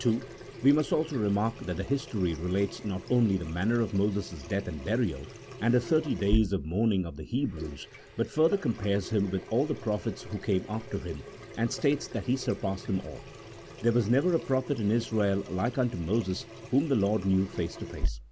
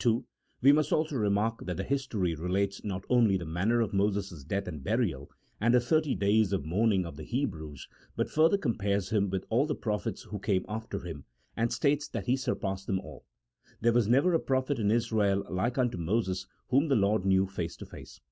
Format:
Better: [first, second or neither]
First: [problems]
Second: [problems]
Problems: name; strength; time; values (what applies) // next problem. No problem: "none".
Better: second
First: background sound (Sink (filling or washing) / Water tap, faucet); 11 dB below the speech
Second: none